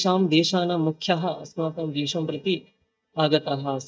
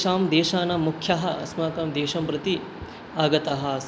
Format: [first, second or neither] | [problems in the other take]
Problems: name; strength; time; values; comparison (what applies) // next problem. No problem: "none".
second | noise reduction (neural mask model DeepFilterNet 3)